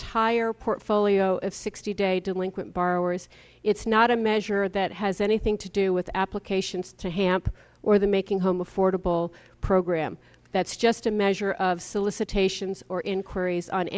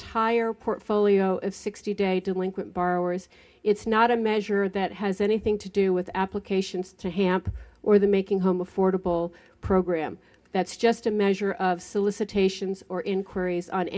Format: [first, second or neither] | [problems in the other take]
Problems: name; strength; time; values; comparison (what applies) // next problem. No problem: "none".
first | room echo; dies away in 0.3 s